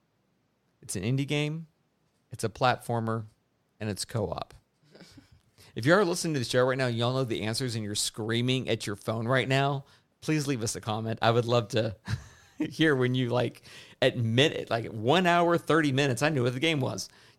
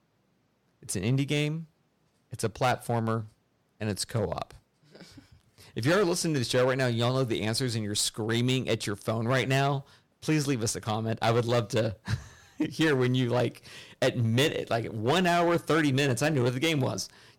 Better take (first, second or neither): first